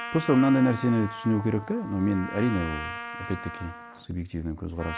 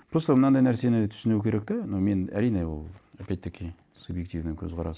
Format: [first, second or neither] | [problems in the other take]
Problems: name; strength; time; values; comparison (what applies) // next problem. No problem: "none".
second | background sound (Trumpet); 12 dB below the speech